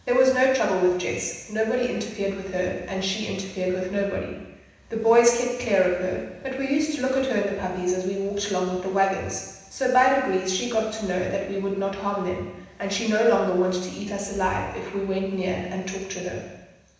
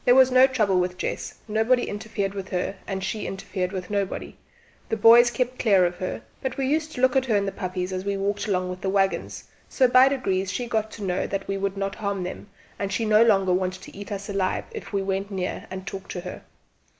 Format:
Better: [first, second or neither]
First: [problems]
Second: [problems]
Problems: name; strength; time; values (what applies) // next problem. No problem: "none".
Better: second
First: room echo; dies away in 1.1 s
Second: none